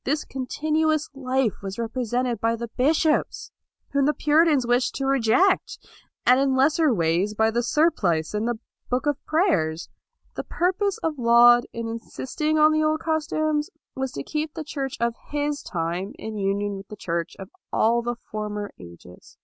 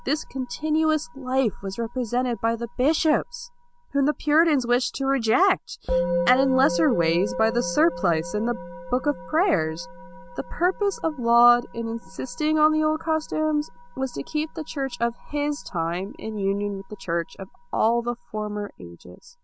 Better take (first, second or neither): first